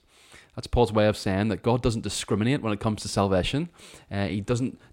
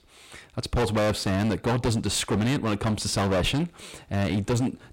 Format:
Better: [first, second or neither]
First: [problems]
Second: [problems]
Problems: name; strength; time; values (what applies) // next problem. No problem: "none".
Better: first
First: none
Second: distortion; heavy; 20% of the sound clipped